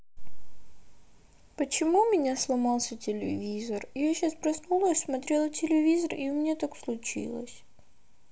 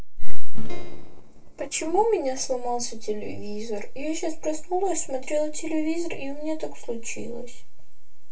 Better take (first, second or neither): first